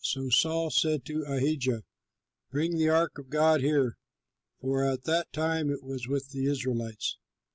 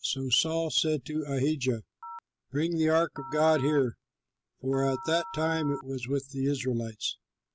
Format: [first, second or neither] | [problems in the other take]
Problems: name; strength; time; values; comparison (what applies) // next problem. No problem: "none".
first | background sound (Telephone); 14 dB below the speech